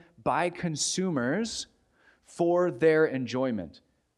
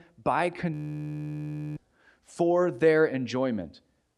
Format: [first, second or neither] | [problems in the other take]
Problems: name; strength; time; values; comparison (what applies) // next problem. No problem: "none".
first | audio freezing; at 0.5 s for 1 s